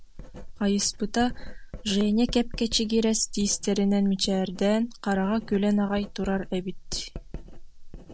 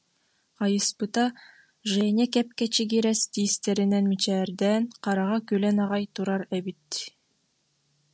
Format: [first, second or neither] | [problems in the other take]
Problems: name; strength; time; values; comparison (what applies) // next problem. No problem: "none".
second | background sound (Writing); 12 dB below the speech